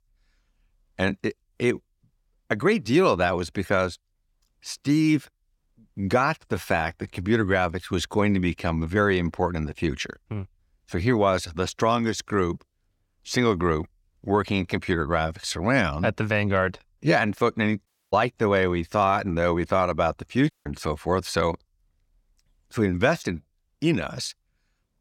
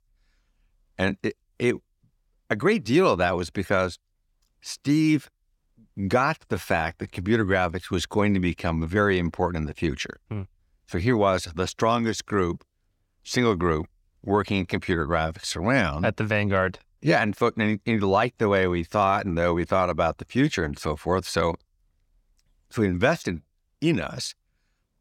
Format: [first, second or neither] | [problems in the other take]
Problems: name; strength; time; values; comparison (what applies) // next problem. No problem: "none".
second | audio cutting out; at 18 s and at 21 s